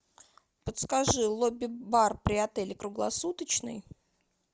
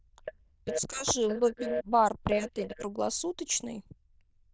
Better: first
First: none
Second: noise reduction (neural diffusion model UNIVERSE++)

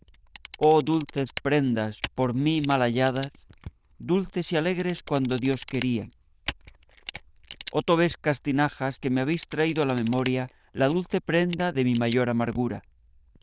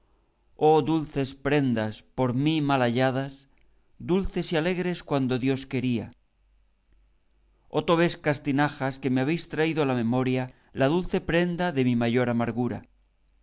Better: second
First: noise reduction (neural diffusion model UNIVERSE++)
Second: none

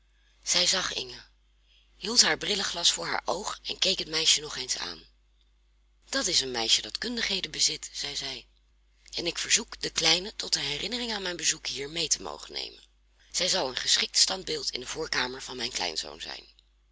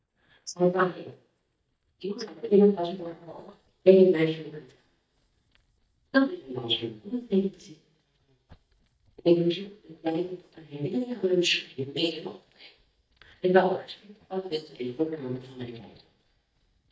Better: first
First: none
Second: noise reduction (neural mask model DeepFilterNet 3)

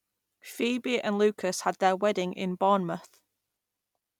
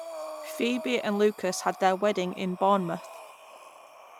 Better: first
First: none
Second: background sound (Breathing); 14 dB below the speech

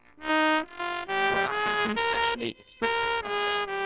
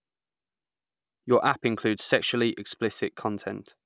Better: second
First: noise reduction (neural separator model SepFormer WHAMR!)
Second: none

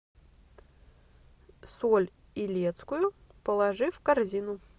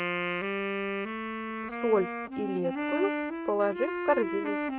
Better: first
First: none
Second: noise reduction (neural mask model RNNoise)

